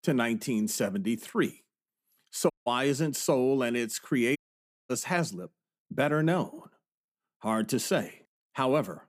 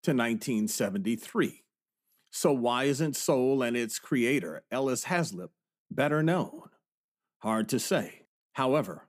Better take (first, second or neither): second